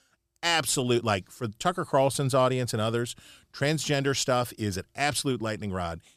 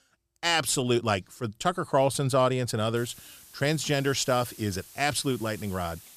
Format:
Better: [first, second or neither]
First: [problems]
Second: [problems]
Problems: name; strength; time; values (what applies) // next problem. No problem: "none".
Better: first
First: none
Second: hiss; noticeable; from 3 s on; 20 dB below the speech